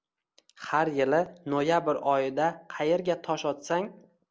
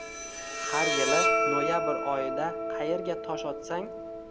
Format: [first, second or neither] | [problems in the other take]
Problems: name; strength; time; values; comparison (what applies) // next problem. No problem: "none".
first | background sound (Bowed string instrument); 3 dB above the speech